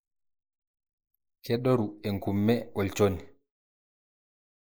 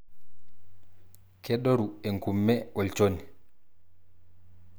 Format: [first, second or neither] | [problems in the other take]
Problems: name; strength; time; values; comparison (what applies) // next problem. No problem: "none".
second | noise reduction (neural mask model Resemble Enhance denoiser)